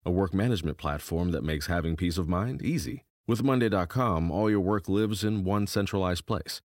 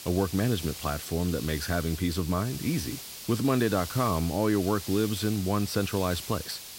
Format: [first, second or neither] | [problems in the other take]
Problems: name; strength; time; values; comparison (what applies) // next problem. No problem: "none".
first | hiss; loud; throughout; 10 dB below the speech